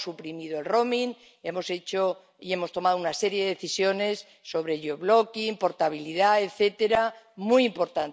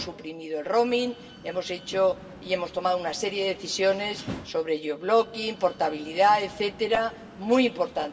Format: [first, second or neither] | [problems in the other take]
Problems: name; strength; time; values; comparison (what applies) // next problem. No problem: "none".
first | background sound (Slam); 18 dB below the speech // room echo; dies away in 1.8 s